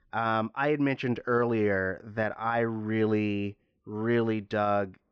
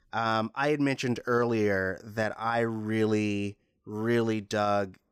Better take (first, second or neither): second